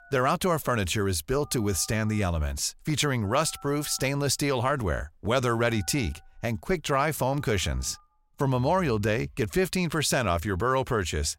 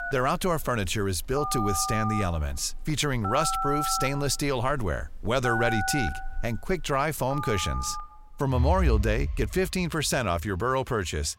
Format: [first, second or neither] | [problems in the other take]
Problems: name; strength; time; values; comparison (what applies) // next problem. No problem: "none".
first | alarms or sirens; loud; throughout; 4 dB below the speech; faint in the first